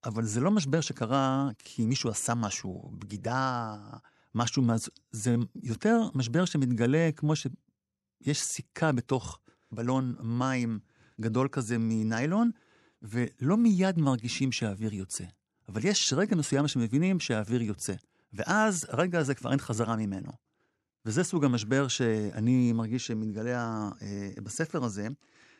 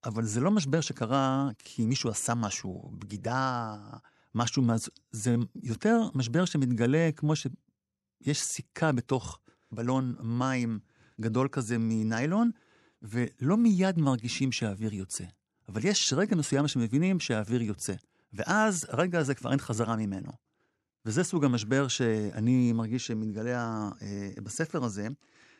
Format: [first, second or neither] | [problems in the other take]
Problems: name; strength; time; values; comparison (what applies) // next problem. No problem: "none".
neither | none